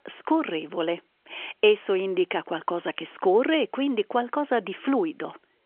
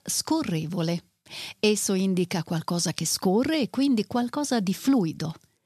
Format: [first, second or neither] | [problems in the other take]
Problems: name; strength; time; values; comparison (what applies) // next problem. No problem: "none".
second | phone-call audio; nothing above 3 kHz